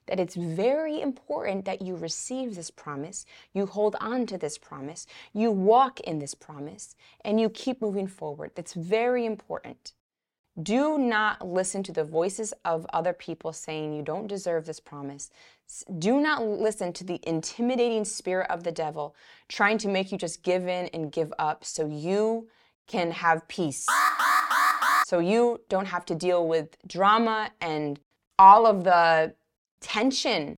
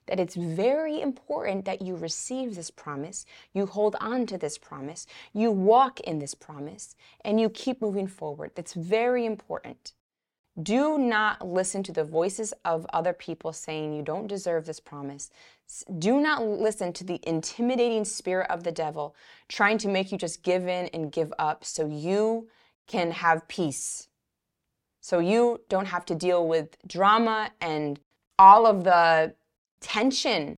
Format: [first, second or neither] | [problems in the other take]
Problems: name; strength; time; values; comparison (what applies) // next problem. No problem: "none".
second | alarm; loud; from 24 to 25 s; peak 5 dB above the speech